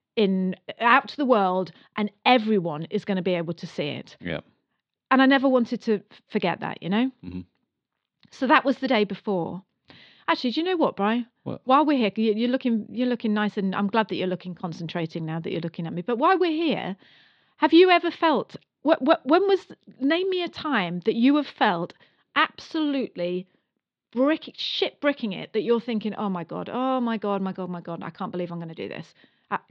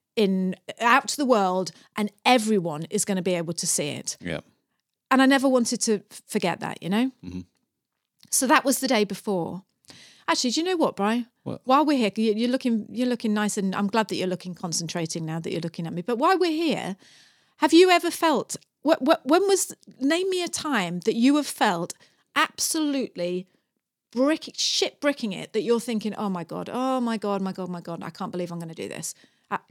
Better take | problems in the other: second | muffled; slightly; fading above 3.5 kHz

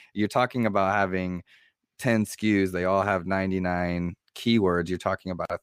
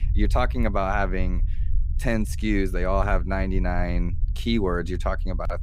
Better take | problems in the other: first | low rumble; faint; throughout; 20 dB below the speech

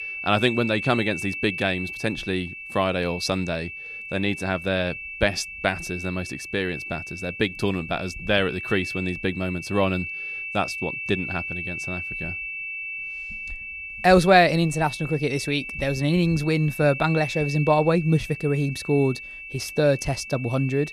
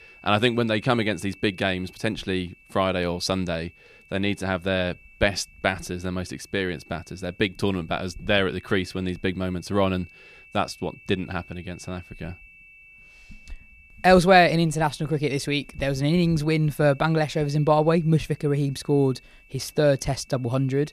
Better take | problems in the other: second | high-pitched whine; loud; throughout; 2.5 kHz, 8 dB below the speech; faint in the second

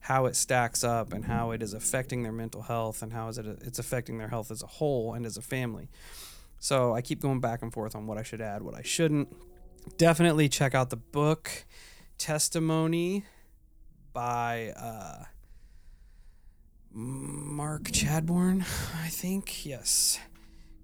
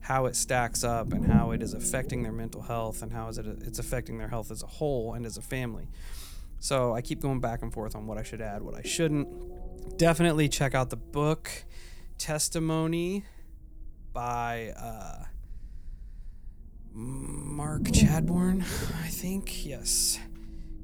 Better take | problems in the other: first | low rumble; loud; throughout; 10 dB below the speech; faint in the first

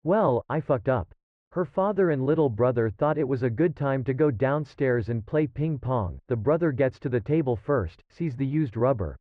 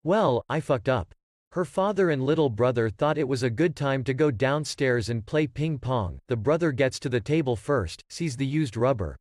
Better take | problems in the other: second | muffled; very; fading above 1.5 kHz

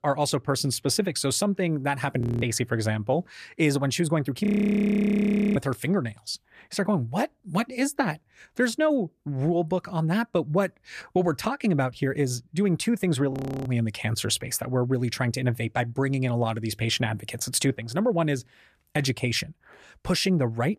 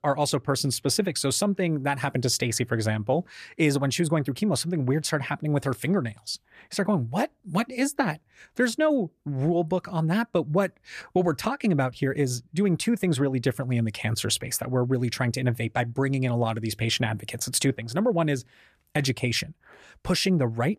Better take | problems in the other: second | audio freezing; at 2 s, at 4.5 s for 1 s and at 13 s

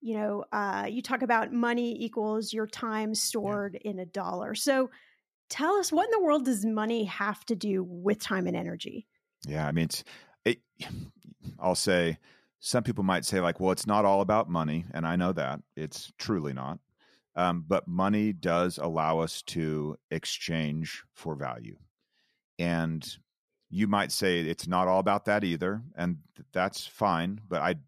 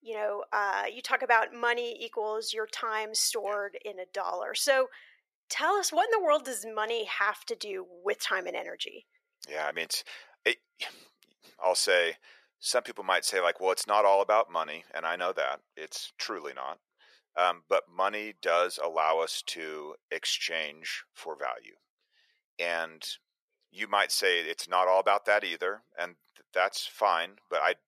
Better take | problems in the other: first | thin; very; fading below 500 Hz

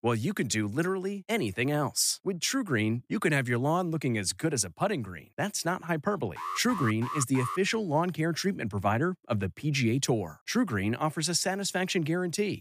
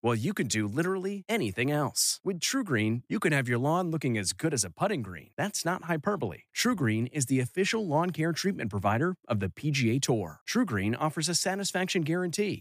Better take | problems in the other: second | alarm; noticeable; from 6.5 to 7.5 s; peak 7 dB below the speech

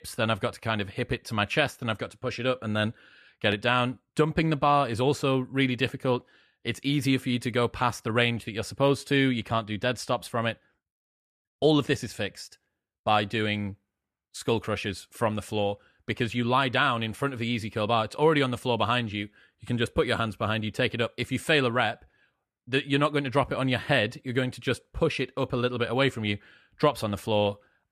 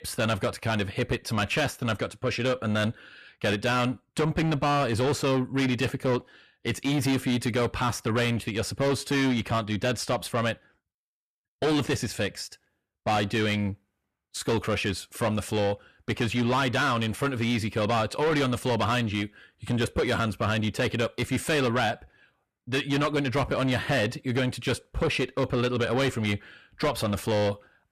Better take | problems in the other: first | distortion; heavy; 6 dB below the speech

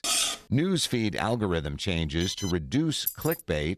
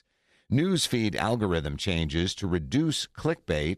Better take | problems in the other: second | clattering dishes; loud; at the start; peak 4 dB above the speech // alarm; noticeable; at 2 s; peak 8 dB below the speech // jangling keys; noticeable; at 3 s; peak 3 dB below the speech

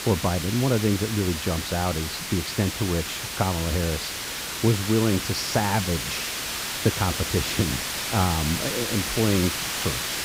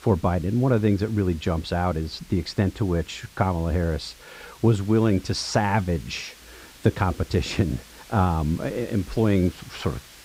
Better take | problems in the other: second | hiss; loud; throughout; 2 dB below the speech; faint in the second

